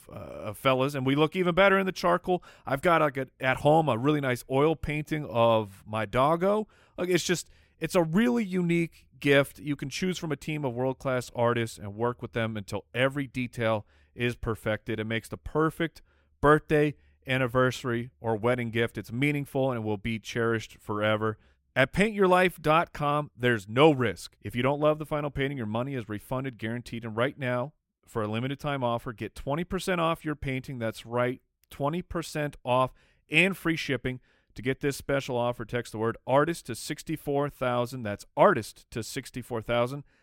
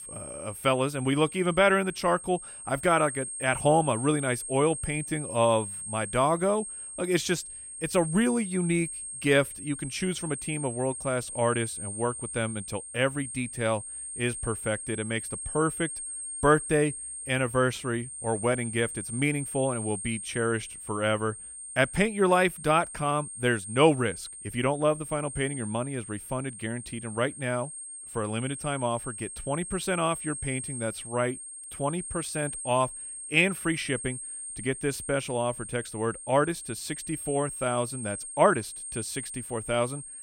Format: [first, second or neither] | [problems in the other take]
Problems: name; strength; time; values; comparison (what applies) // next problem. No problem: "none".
first | high-pitched whine; loud; throughout; 8.5 kHz, 8 dB below the speech